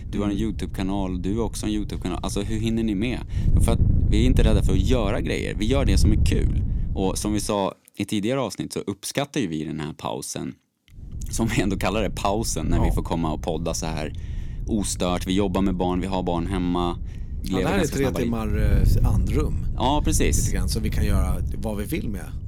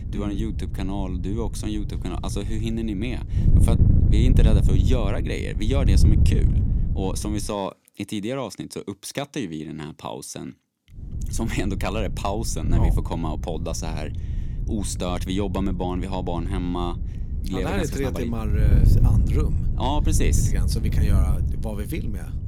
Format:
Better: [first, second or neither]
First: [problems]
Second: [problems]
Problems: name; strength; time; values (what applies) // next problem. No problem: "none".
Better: first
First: wind noise on the microphone; occasional gusts; until 7.5 s and from 11 s on; 15 dB below the speech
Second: wind noise on the microphone; heavy; until 7.5 s and from 11 s on; 7 dB below the speech